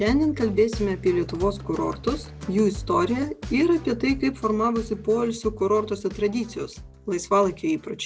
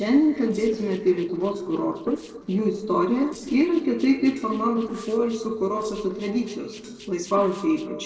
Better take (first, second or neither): first